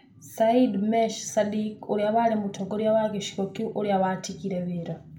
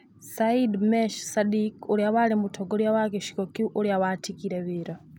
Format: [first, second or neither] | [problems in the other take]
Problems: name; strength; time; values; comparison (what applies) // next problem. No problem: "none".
second | room echo; dies away in 0.3 s